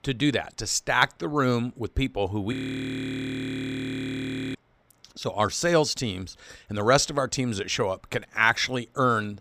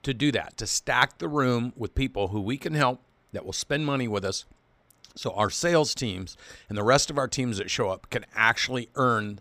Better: second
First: audio freezing; at 2.5 s for 2 s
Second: none

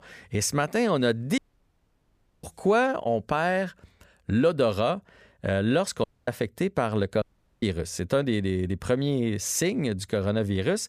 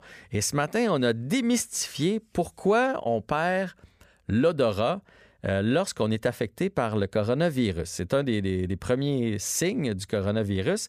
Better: second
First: audio cutting out; at 1.5 s for 1 s, at 6 s and at 7 s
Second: none

